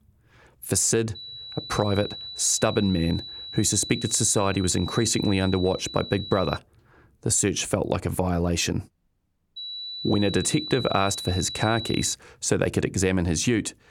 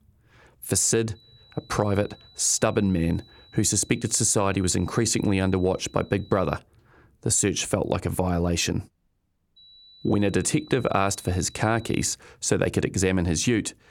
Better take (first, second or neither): second